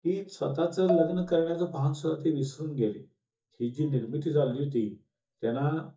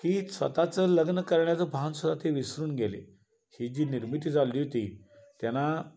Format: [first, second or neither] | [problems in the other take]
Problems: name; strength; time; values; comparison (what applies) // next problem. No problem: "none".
second | noise reduction (neural mask model DeepFilterNet 3)